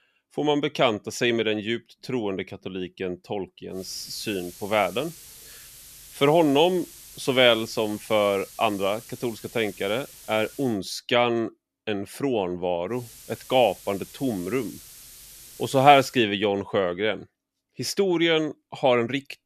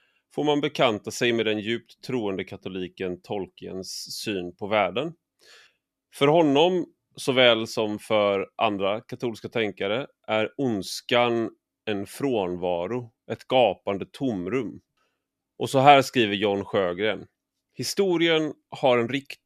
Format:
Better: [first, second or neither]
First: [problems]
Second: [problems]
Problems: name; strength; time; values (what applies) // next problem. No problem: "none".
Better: second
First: hiss; noticeable; from 4 to 11 s and from 13 to 16 s; 20 dB below the speech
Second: none